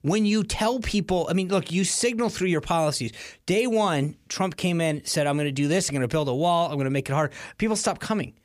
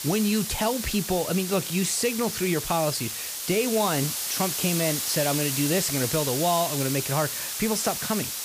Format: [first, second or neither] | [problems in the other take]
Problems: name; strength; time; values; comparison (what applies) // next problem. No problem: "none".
first | hiss; loud; throughout; 2 dB below the speech